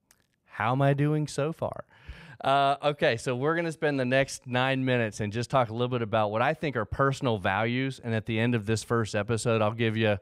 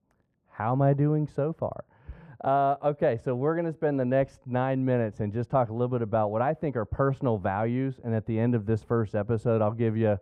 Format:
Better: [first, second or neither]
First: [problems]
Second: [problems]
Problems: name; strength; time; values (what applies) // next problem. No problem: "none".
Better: first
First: none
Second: muffled; very; fading above 2 kHz